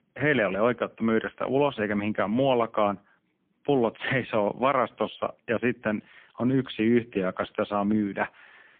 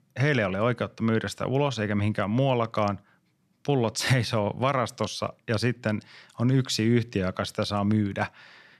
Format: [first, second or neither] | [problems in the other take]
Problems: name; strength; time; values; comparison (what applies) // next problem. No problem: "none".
second | phone-call audio; poor line